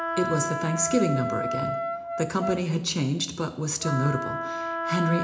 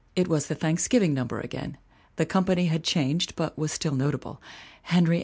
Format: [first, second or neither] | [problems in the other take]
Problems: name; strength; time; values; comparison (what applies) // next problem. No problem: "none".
second | background sound (Wind instrument, woodwind instrument); 4 dB below the speech // room echo; dies away in 0.8 s